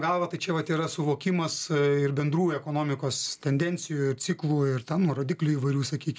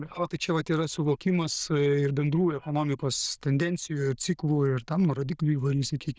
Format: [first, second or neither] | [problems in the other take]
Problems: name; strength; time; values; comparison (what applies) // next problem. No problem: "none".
first | noise reduction (neural diffusion model UNIVERSE++)